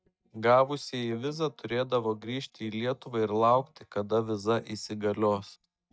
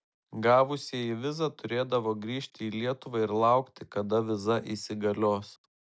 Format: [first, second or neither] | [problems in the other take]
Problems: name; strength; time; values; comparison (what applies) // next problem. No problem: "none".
second | noise reduction (neural mask model DeepFilterNet 3)